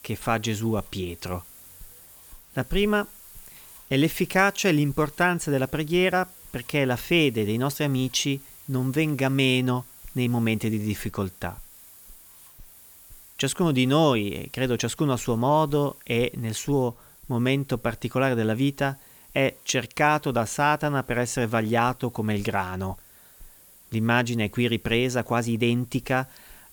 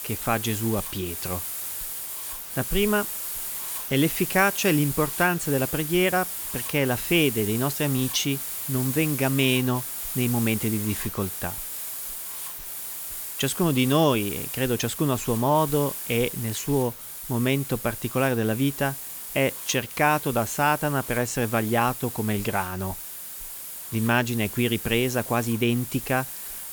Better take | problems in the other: first | hiss; loud; throughout; 6 dB below the speech; faint in the first

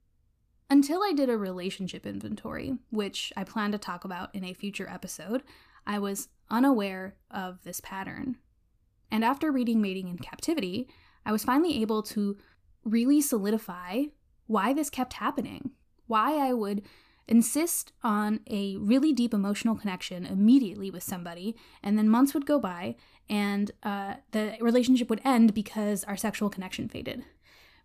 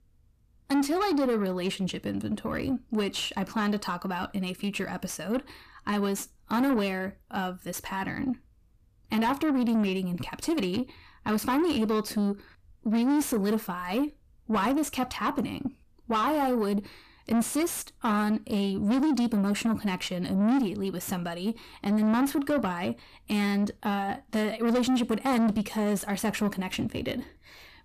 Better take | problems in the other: first | distortion; heavy; 7 dB below the speech

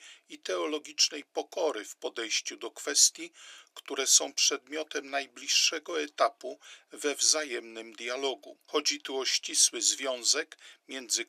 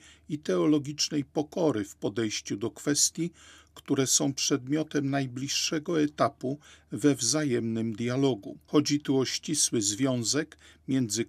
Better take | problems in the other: second | thin; very; fading below 450 Hz

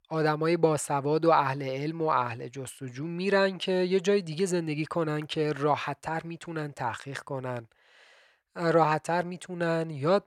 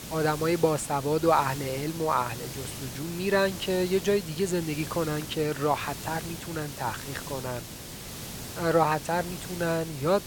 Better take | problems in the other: first | hiss; loud; throughout; 10 dB below the speech

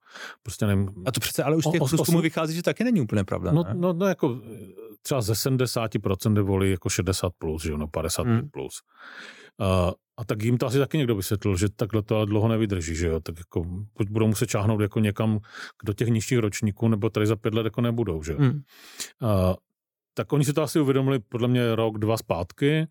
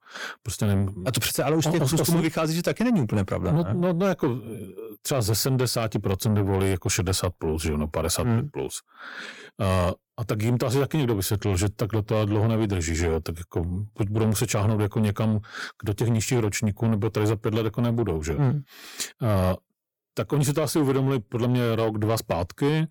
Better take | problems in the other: first | distortion; slight; 10 dB below the speech

